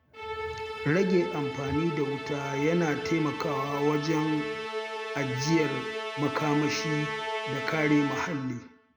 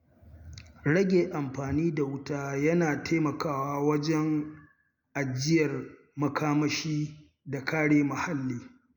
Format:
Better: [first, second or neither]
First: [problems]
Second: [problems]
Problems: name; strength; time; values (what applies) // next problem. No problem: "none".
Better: second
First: background sound (Musical instrument); 5 dB below the speech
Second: none